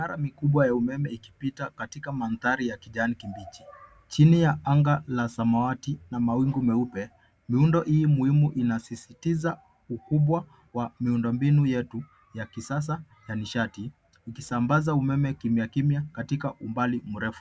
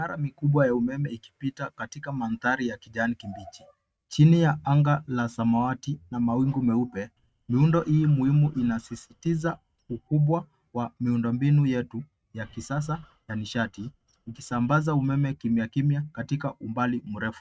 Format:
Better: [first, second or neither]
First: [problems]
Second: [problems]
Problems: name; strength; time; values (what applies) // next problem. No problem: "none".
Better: first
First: none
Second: noise reduction (neural mask model RNNoise)